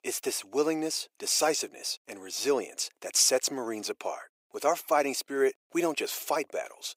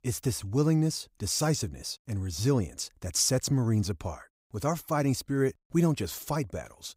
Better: second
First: thin; very; fading below 400 Hz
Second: none

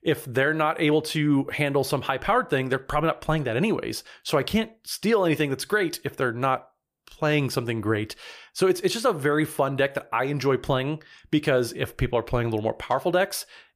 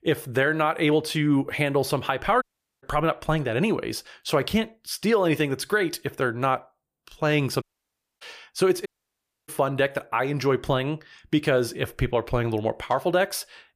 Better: first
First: none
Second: audio cutting out; at 2.5 s, at 7.5 s for 0.5 s and at 9 s for 0.5 s

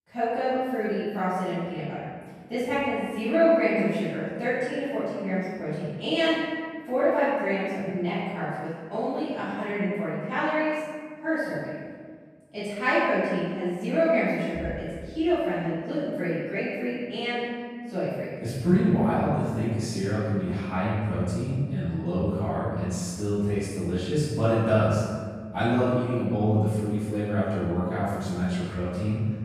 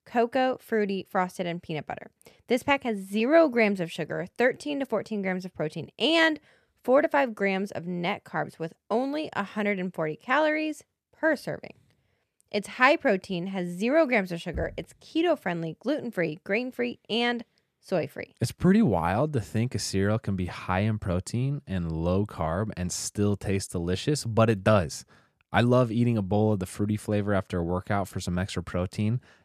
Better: second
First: room echo; strong; dies away in 1.7 s // off-mic speech; far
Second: none

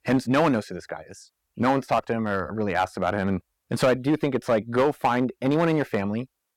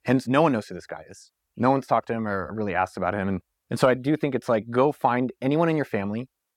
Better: second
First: distortion; slight; 4% of the sound clipped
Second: none

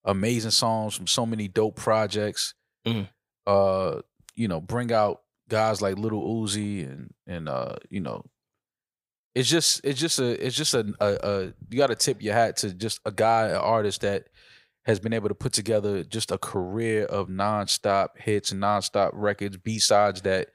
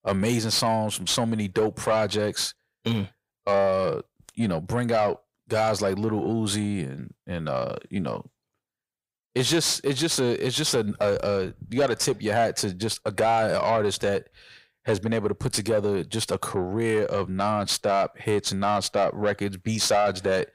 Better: first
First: none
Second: distortion; slight; 10 dB below the speech

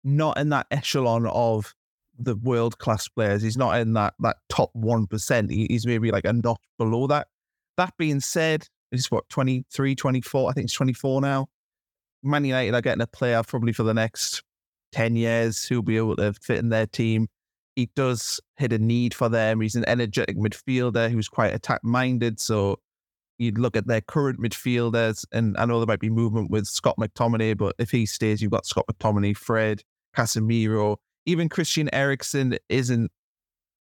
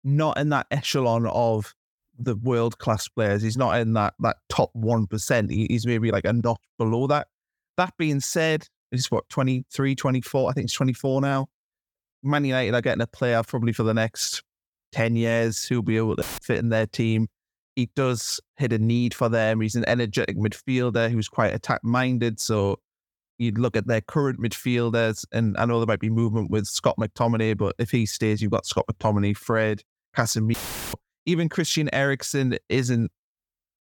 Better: first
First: none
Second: audio cutting out; filled with static; at 16 s and at 31 s

